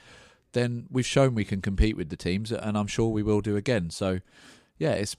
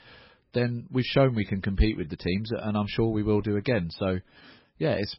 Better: first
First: none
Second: garbled, watery; badly; nothing above 5.5 kHz

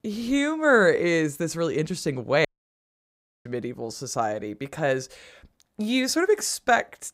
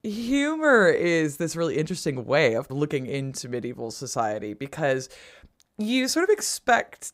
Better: second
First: audio cutting out; at 2.5 s for 1 s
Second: none

